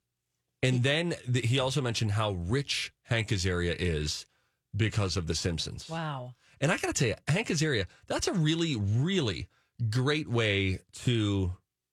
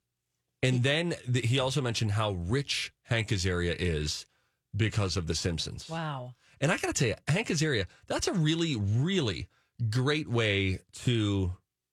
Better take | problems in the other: neither | none

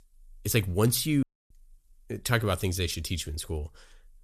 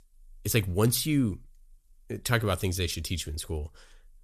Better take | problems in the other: second | audio cutting out; at 1 s

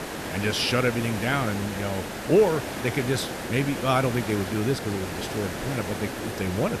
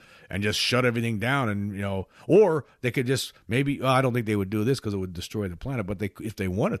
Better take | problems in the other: second | hiss; loud; throughout; 6 dB below the speech

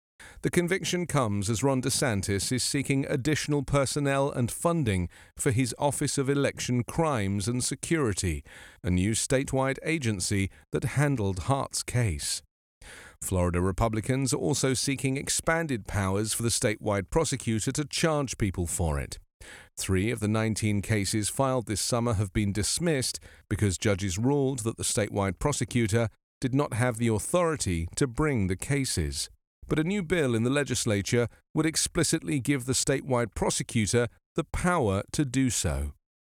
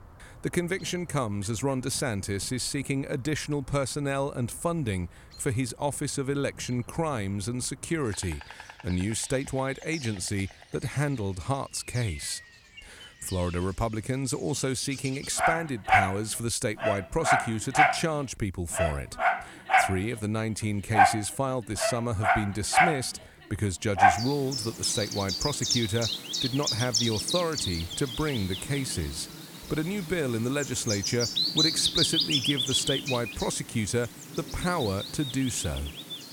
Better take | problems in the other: first | animal sounds; very loud; throughout; 3 dB above the speech

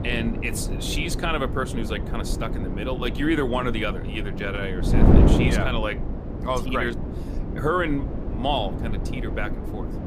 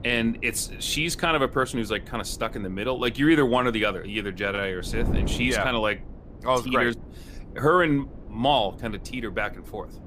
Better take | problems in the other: second | wind noise on the microphone; heavy; 6 dB below the speech; occasional gusts in the second

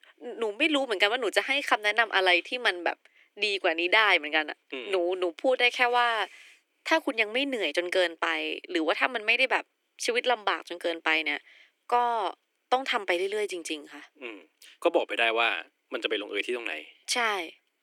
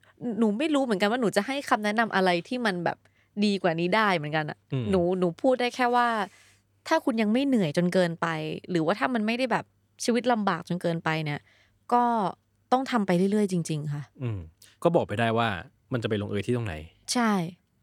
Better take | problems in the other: second | thin; somewhat; fading below 300 Hz

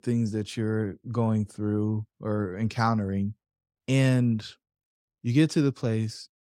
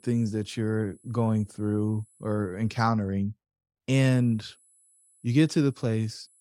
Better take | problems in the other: first | high-pitched whine; faint; until 2.5 s and from 4 s on; 10 kHz, 30 dB below the speech

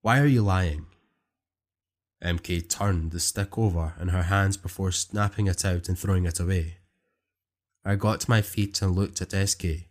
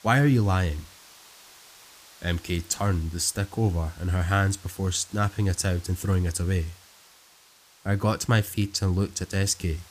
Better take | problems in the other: first | hiss; faint; throughout; 25 dB below the speech

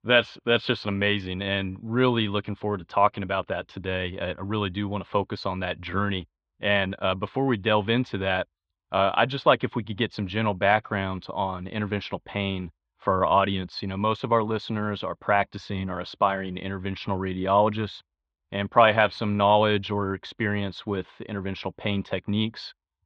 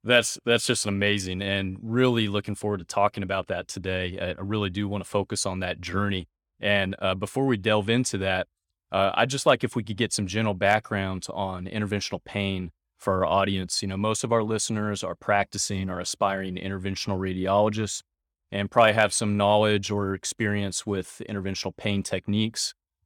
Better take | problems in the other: second | muffled; slightly; fading above 4 kHz

